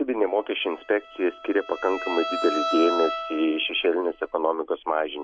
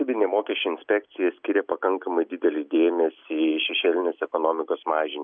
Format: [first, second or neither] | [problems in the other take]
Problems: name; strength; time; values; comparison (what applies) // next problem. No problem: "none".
second | background sound (Bowed string instrument); 8 dB below the speech